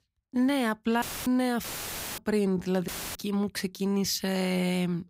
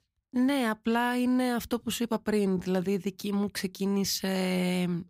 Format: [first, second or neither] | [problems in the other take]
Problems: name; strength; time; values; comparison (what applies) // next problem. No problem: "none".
second | audio cutting out; filled with static; at 1 s, at 1.5 s for 0.5 s and at 3 s